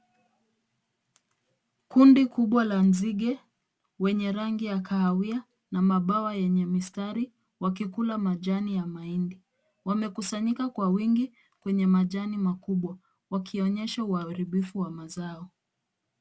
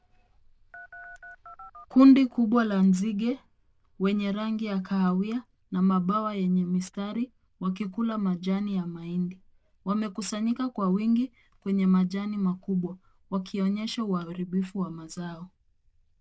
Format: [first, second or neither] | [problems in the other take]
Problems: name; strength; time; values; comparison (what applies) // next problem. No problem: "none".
first | noise reduction (neural diffusion model UNIVERSE++)